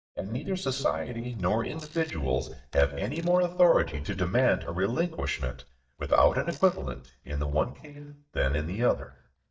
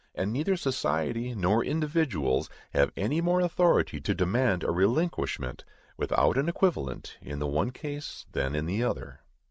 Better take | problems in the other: second | noise reduction (neural mask model DeepFilterNet 3)

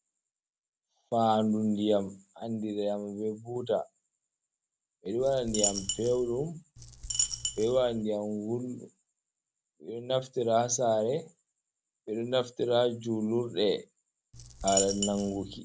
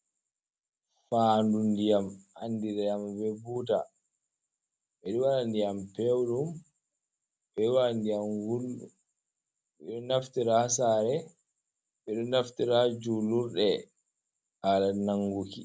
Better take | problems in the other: second | background sound (Coin (dropping)); 3 dB below the speech

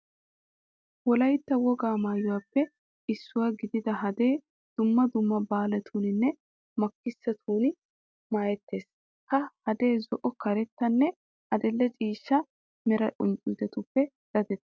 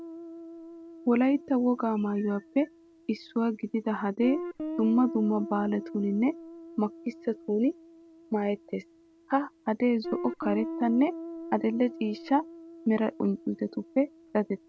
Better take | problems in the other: first | background sound (Guitar); 12 dB below the speech

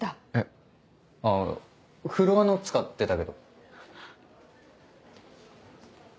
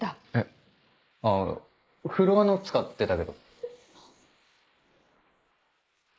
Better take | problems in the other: first | noise reduction (neural mask model Resemble Enhance denoiser)

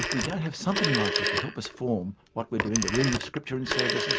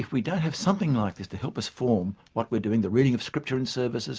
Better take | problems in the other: second | background sound (Telephone); as loud as the speech

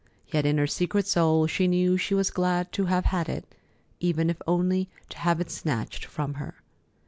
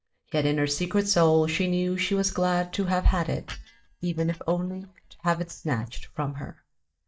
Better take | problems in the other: first | noise reduction (neural mask model DeepFilterNet 3)

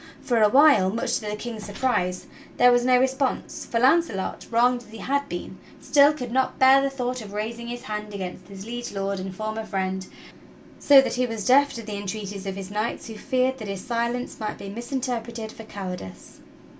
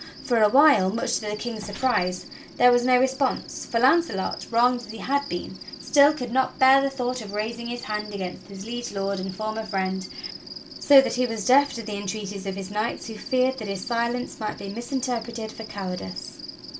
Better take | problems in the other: first | background sound (Cricket); 16 dB below the speech

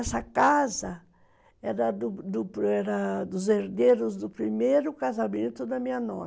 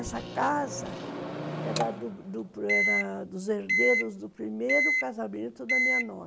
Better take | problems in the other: first | background sound (Microwave oven); 2 dB above the speech

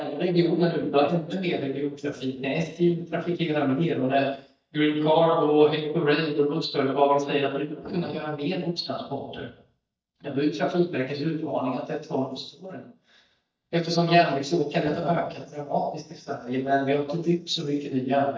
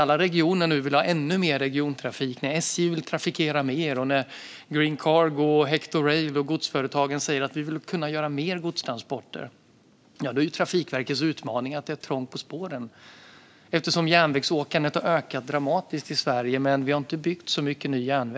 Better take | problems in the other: second | noise reduction (neural mask model DeepFilterNet 3)

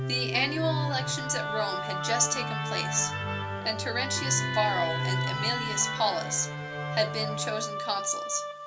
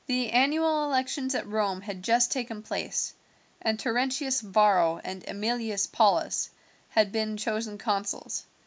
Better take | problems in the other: second | background sound (Musical instrument); 1 dB below the speech // room echo; dies away in 0.2 s

